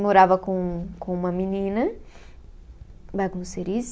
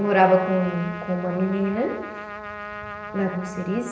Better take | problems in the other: first | background sound (Trumpet); 11 dB below the speech // room echo; dies away in 0.9 s

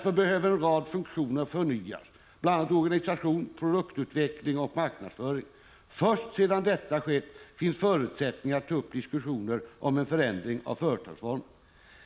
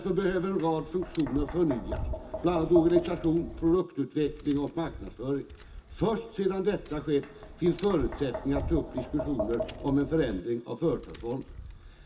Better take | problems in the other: first | background sound (Tap); 10 dB below the speech // room echo; dies away in 0.2 s

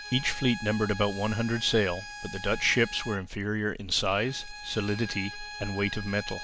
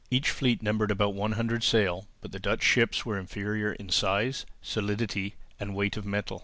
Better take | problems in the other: second | background sound (Bowed string instrument); 13 dB below the speech

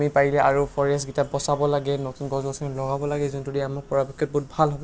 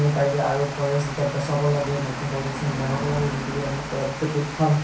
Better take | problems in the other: first | background sound (Water); 8 dB below the speech // room echo; dies away in 0.6 s

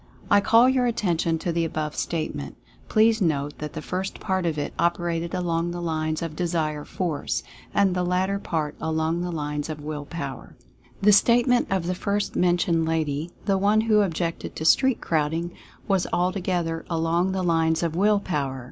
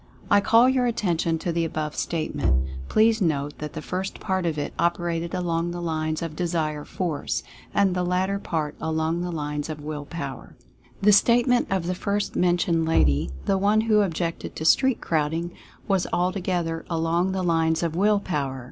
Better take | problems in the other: first | background sound (Bowed string instrument); 2 dB below the speech

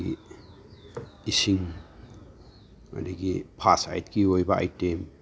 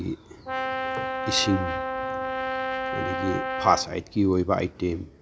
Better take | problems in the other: first | background sound (Brass instrument); 2 dB below the speech

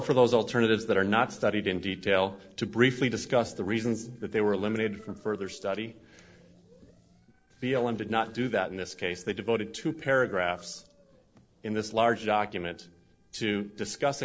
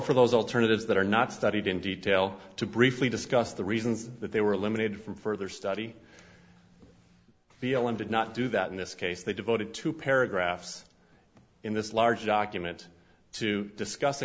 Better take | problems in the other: second | noise reduction (neural separator model SepFormer DNS4)

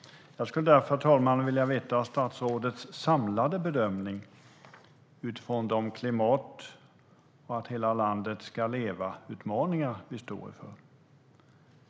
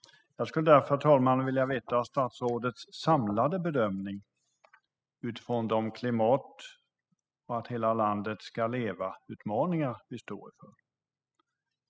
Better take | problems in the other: first | noise reduction (classical method spectral subtraction)

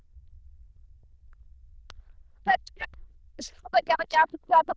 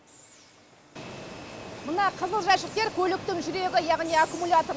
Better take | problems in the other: second | noise reduction (neural diffusion model UNIVERSE++)

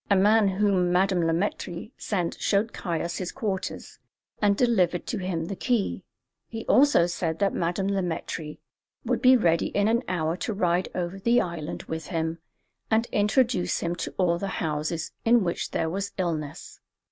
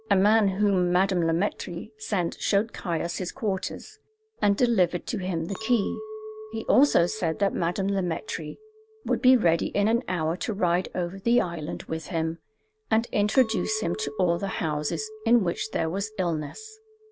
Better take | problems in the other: first | background sound (Chink, clink); 19 dB below the speech

